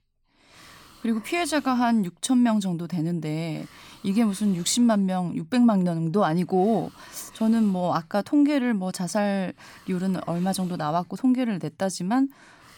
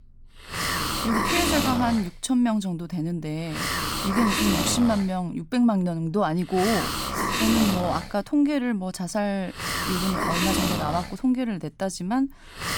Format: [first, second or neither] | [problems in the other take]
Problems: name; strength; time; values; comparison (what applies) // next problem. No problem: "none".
first | hiss; loud; throughout; 1 dB below the speech; faint in the first